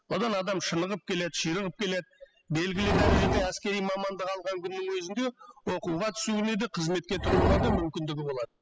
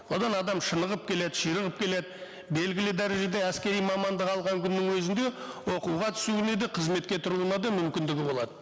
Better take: second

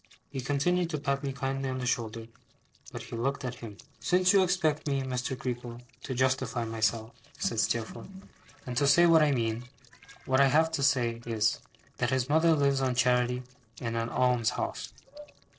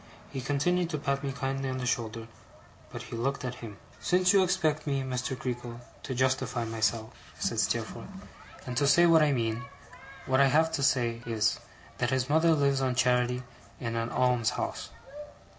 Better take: second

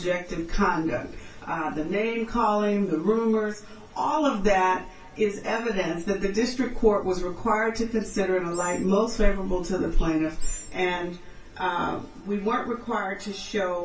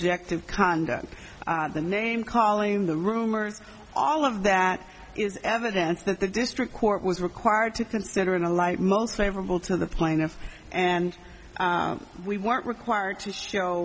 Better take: second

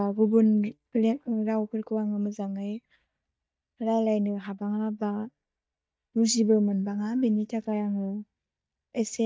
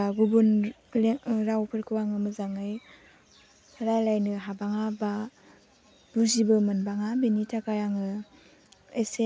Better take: second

